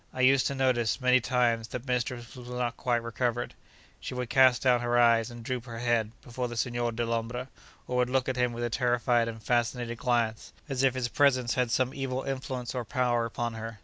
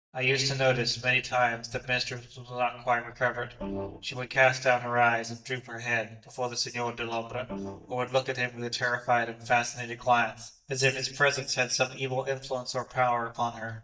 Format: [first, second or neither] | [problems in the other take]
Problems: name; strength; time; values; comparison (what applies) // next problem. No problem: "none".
first | noise reduction (neural mask model DeepFilterNet 3)